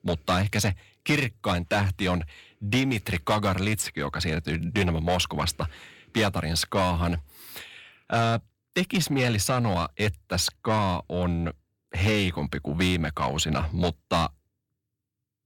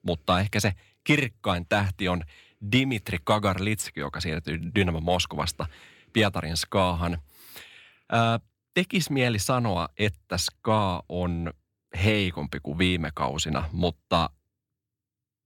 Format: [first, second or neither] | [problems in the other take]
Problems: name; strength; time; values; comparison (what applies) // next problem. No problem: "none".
second | distortion; slight; 10 dB below the speech